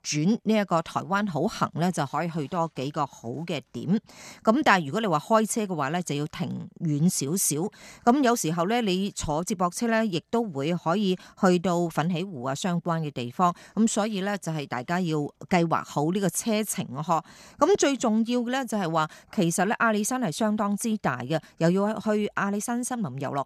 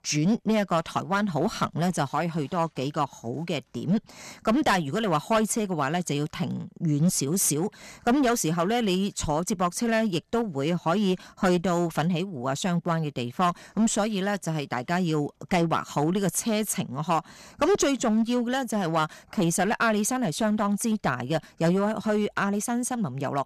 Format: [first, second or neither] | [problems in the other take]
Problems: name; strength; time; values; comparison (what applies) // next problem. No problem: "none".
first | distortion; slight; 6% of the sound clipped